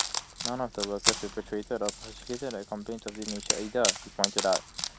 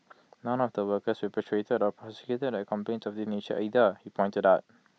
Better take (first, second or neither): second